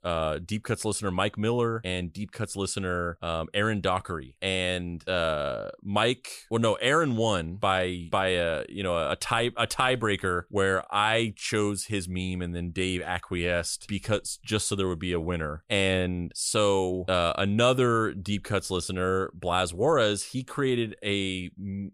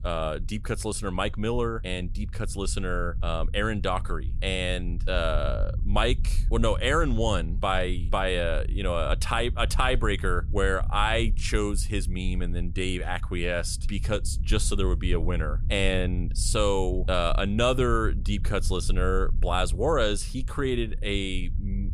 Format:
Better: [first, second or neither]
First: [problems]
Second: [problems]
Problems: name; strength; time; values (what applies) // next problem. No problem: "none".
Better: first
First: none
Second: low rumble; faint; throughout; 20 dB below the speech